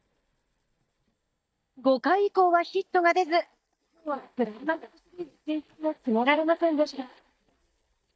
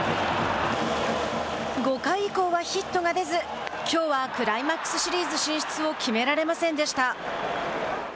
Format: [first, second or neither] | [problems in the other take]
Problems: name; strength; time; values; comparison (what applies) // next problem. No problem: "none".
second | noise reduction (neural mask model DeepFilterNet 3)